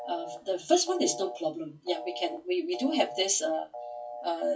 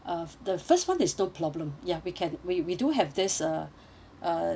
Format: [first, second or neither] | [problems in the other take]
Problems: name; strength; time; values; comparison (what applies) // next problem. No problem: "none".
second | noise reduction (classical method WPE with log-MMSE)